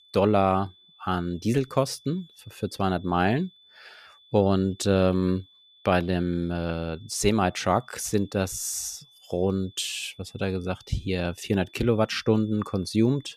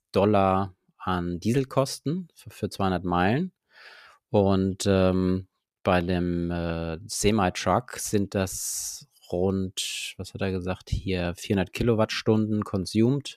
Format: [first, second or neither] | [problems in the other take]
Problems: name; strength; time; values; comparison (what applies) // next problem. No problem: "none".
second | high-pitched whine; faint; throughout; 3.5 kHz, 30 dB below the speech